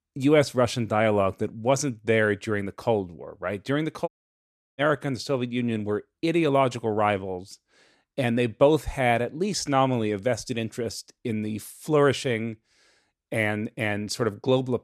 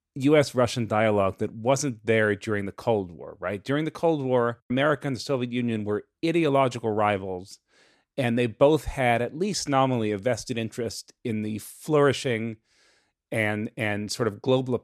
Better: second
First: audio cutting out; at 4 s for 0.5 s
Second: none

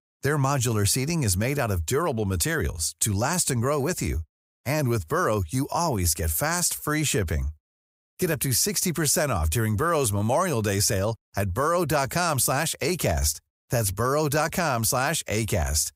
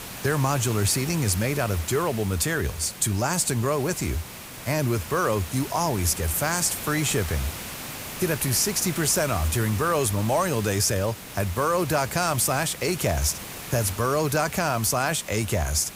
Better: first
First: none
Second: hiss; noticeable; throughout; 10 dB below the speech

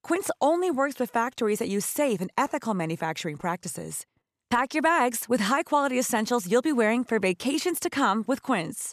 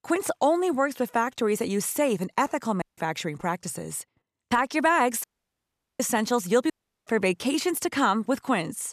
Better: first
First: none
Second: audio cutting out; at 3 s, at 5 s for 1 s and at 6.5 s

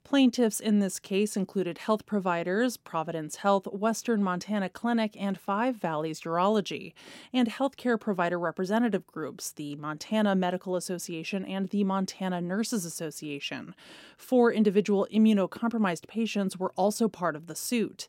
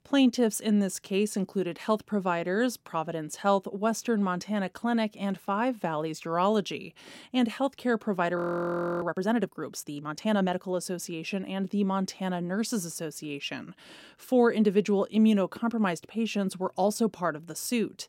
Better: first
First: none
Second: audio freezing; at 8.5 s for 0.5 s

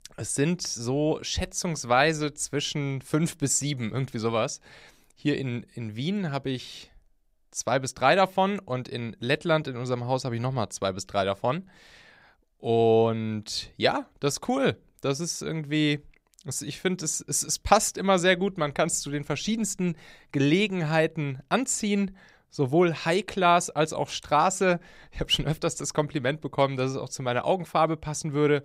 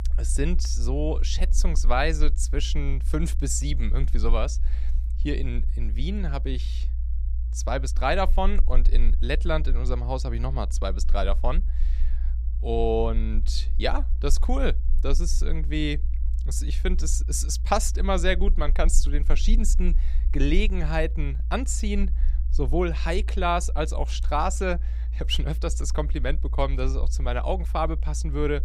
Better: first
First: none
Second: low rumble; noticeable; throughout; 20 dB below the speech

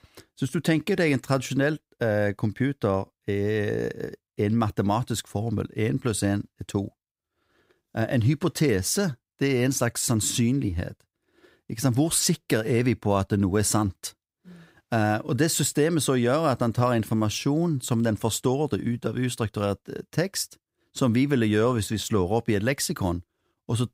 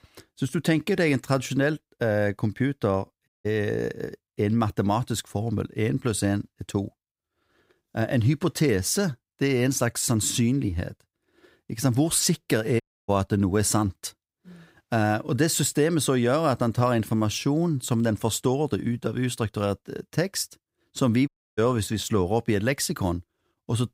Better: first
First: none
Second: audio cutting out; at 3.5 s, at 13 s and at 21 s

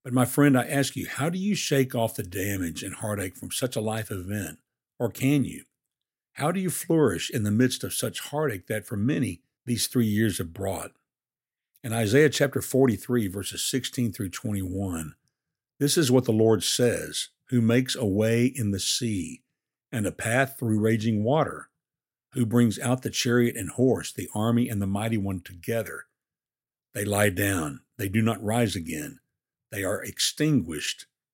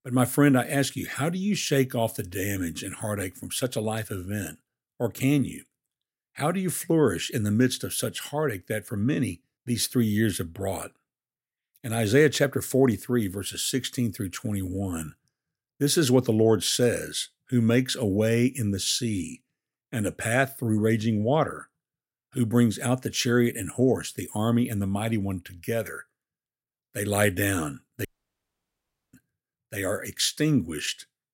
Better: first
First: none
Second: audio cutting out; at 28 s for 1 s

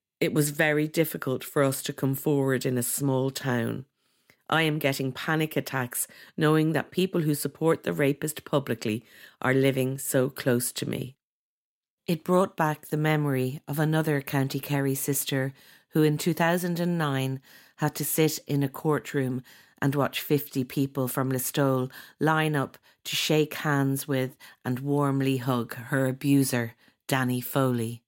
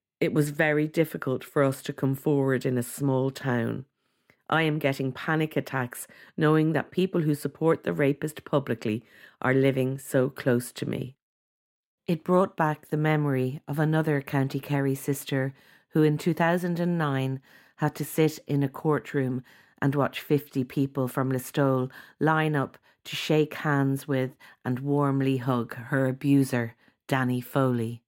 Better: first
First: none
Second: muffled; slightly; fading above 3 kHz

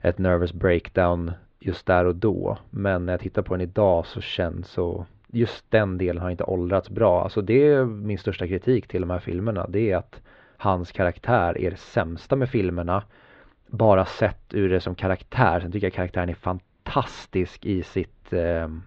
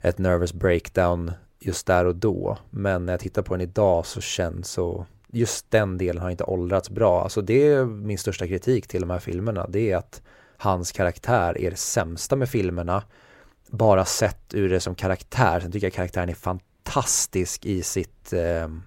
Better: second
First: muffled; very; fading above 4 kHz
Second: none

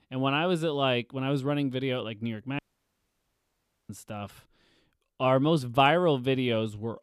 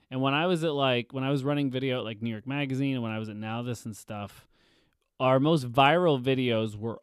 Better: second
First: audio cutting out; at 2.5 s for 1.5 s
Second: none

